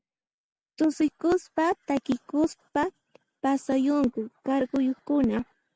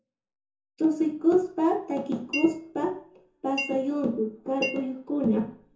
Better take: first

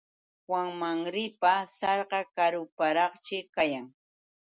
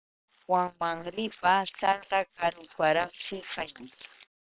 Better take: first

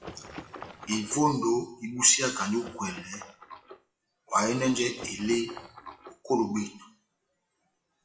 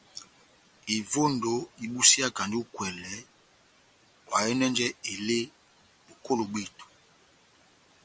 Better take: second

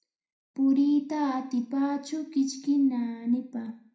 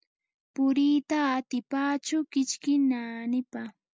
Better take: second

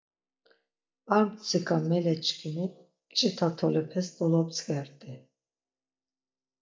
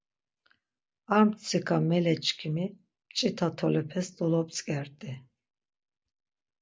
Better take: second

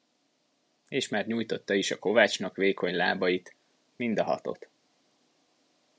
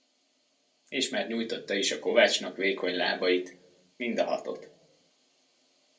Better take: first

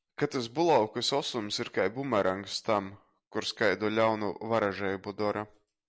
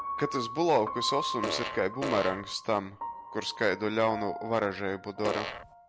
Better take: first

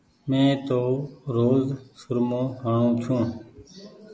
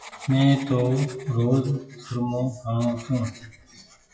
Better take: first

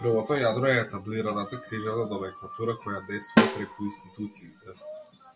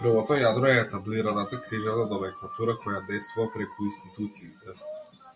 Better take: second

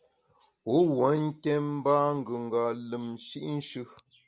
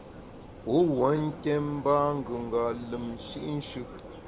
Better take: first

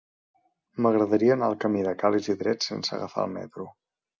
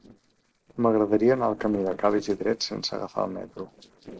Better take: first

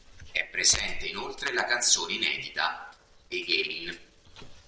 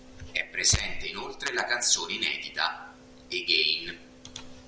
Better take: second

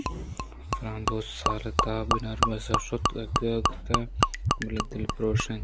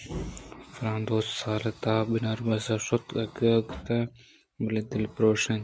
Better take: second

